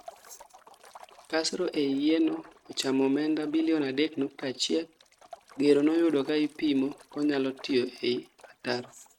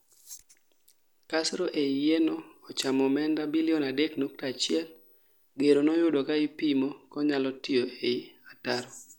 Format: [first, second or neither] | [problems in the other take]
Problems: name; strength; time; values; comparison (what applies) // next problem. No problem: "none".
second | noise reduction (neural mask model RNNoise)